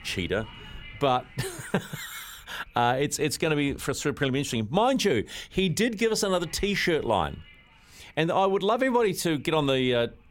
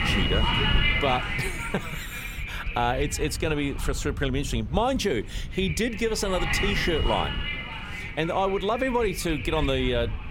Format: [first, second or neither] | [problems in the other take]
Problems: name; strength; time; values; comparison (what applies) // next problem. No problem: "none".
first | wind noise on the microphone; heavy; 1 dB below the speech; occasional gusts in the first